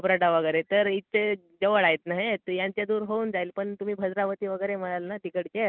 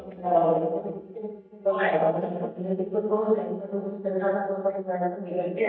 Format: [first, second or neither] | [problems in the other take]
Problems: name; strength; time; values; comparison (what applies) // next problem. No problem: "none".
first | noise reduction (neural mask model DeepFilterNet 3)